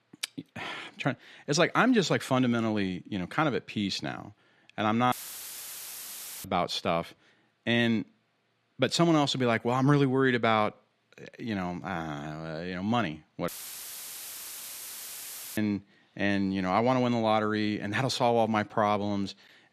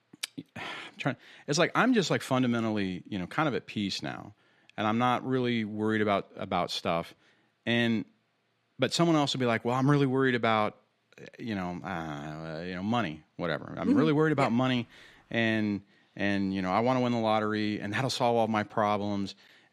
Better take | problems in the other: second | audio cutting out; filled with static; at 5 s for 1.5 s and at 13 s for 2 s

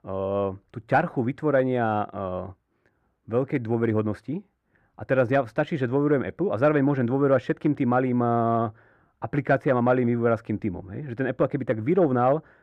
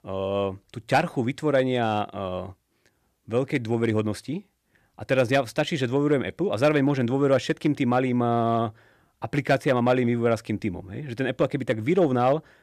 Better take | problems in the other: second | muffled; very; fading above 2.5 kHz

